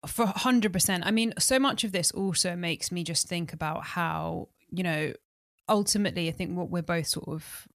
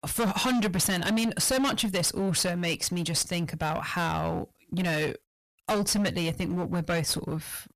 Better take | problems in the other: first | distortion; heavy; 19% of the sound clipped

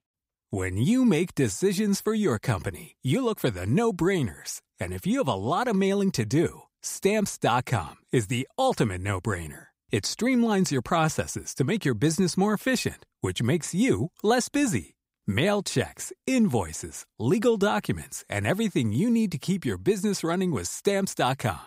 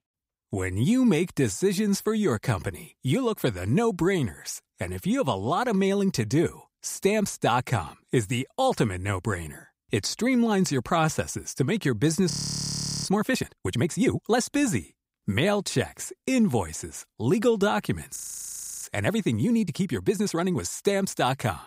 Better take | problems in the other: first | audio freezing; at 12 s for 1 s and at 18 s for 0.5 s

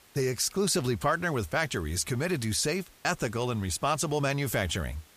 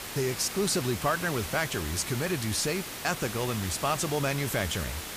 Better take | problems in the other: first | hiss; loud; throughout; 6 dB below the speech; faint in the first

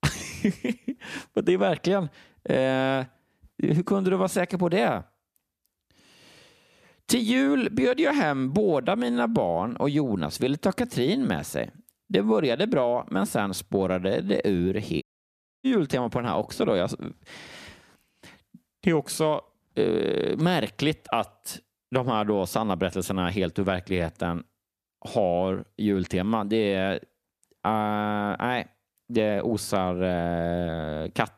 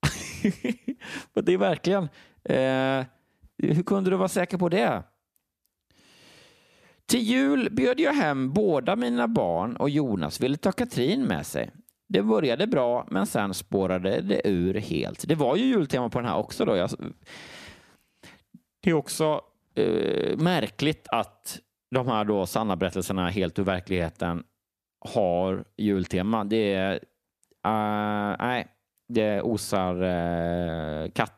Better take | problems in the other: second | audio cutting out; at 15 s for 0.5 s

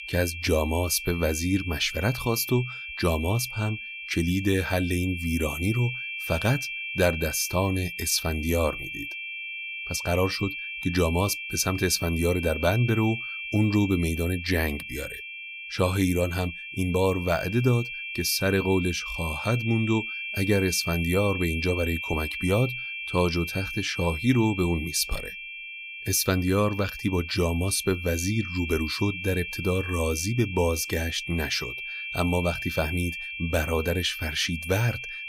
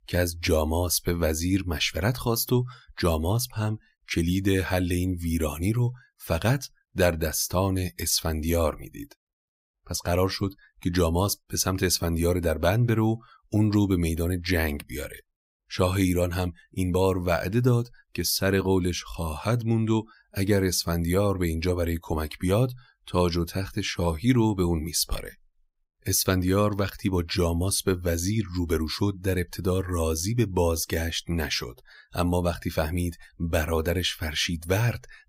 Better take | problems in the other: second | high-pitched whine; loud; throughout; 2.5 kHz, 7 dB below the speech

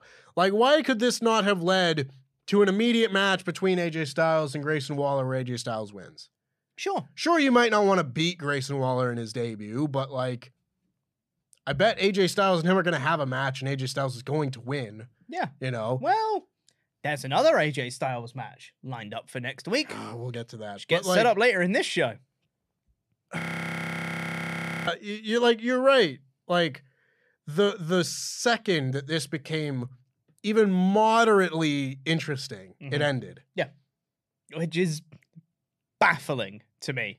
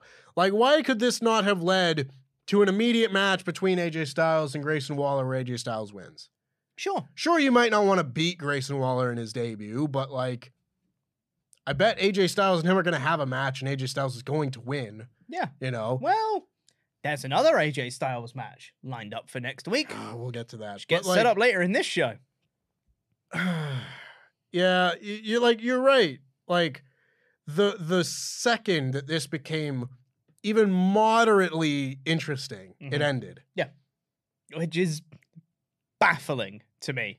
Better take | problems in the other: second | audio freezing; at 23 s for 1.5 s

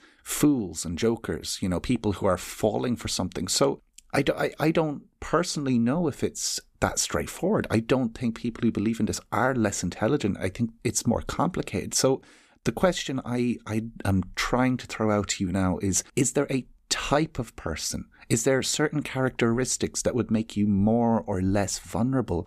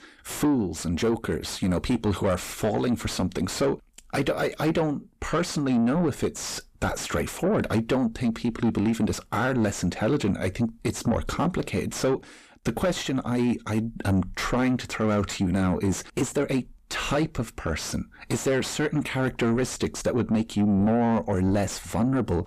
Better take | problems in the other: first | distortion; heavy; 7 dB below the speech

